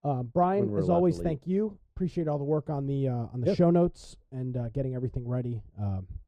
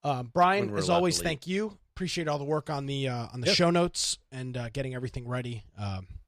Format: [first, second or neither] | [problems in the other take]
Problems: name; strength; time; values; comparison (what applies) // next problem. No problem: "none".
second | muffled; very; fading above 1 kHz